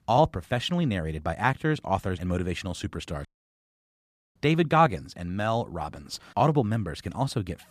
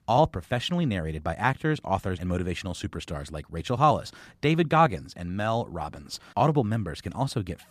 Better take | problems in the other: second | audio cutting out; at 3.5 s for 1 s

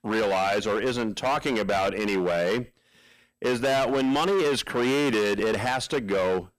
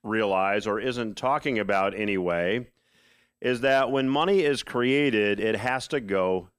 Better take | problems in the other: second | distortion; heavy; 23% of the sound clipped

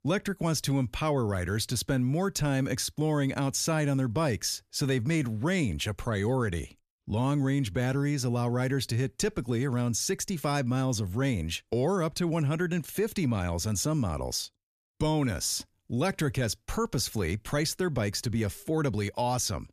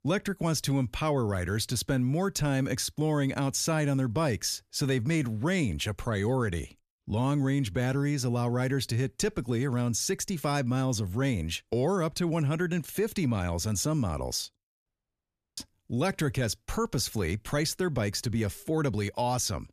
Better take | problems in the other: first | audio cutting out; at 15 s for 0.5 s

